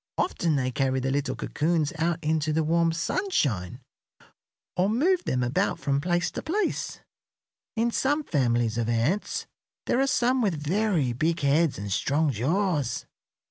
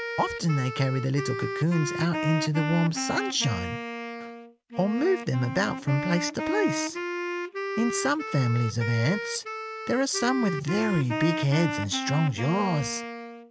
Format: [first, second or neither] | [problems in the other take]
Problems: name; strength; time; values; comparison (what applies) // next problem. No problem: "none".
first | background sound (Wind instrument, woodwind instrument); 6 dB below the speech